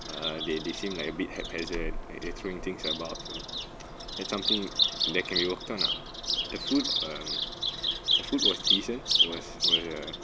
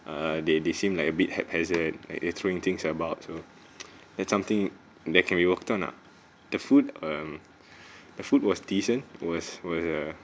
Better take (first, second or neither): second